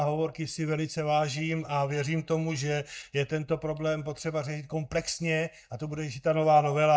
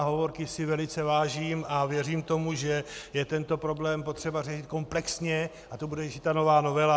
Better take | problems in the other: second | noise reduction (neural mask model DeepFilterNet 3)

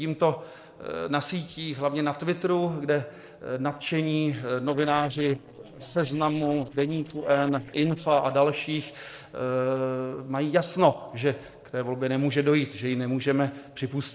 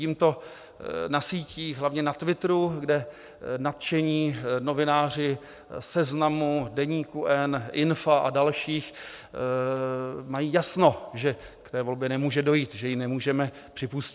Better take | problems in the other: second | noise reduction (neural separator model SepFormer DNS4)

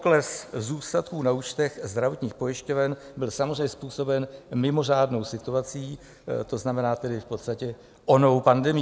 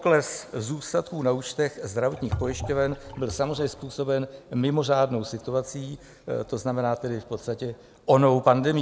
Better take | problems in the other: first | background sound (Liquid); 11 dB below the speech

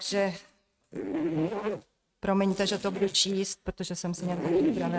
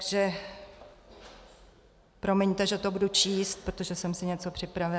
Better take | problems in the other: second | noise reduction (neural mask model RNNoise)

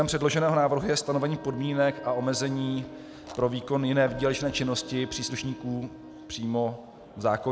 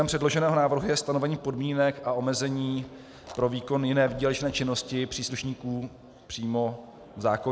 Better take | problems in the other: second | background sound (Wind instrument, woodwind instrument); 18 dB below the speech

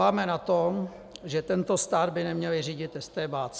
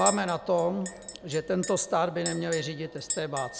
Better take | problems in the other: first | background sound (Chink, clink); 8 dB below the speech

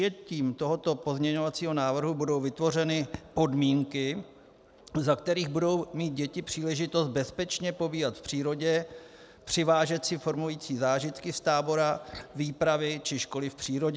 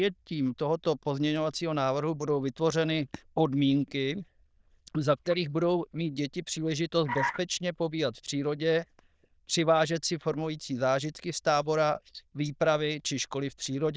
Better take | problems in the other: first | noise reduction (neural diffusion model UNIVERSE++)

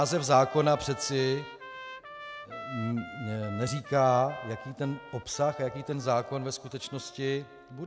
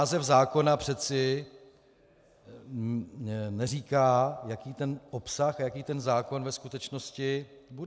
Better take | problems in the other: second | background sound (Trumpet); 15 dB below the speech

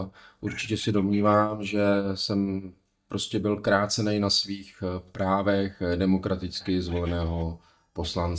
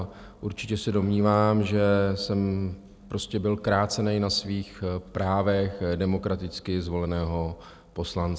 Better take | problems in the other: second | noise reduction (neural mask model DeepFilterNet 3)

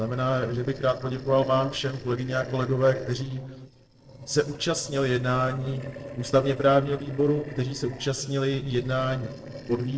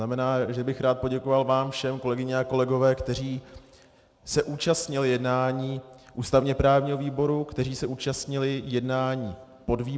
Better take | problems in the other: second | noise reduction (neural separator model SepFormer DNS4)

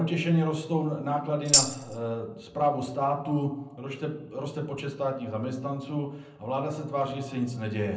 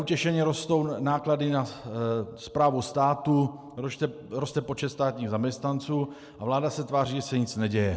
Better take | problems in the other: second | background sound (Tambourine); 4 dB above the speech // room echo; dies away in 0.6 s

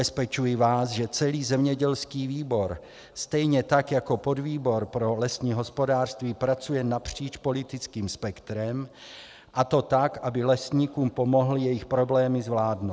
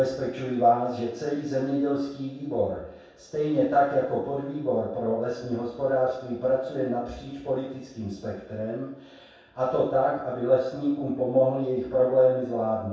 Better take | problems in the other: first | room echo; dies away in 0.7 s

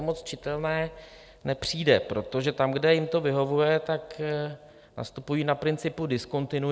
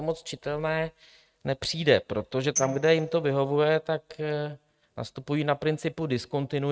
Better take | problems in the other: first | noise reduction (neural mask model RNNoise)

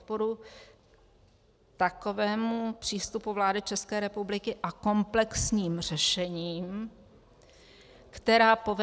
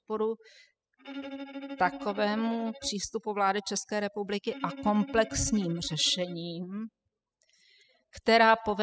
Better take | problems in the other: first | noise reduction (classical method spectral subtraction)

